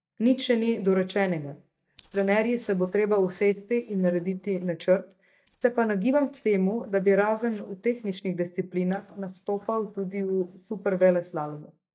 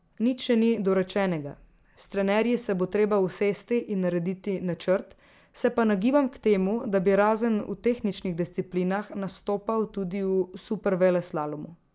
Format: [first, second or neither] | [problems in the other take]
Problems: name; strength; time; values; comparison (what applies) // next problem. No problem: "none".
second | noise reduction (neural mask model DeepFilterNet 3)